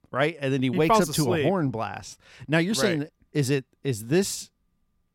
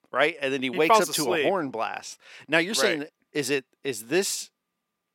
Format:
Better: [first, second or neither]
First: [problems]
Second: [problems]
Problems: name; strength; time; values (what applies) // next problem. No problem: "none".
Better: first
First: none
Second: thin; somewhat; fading below 350 Hz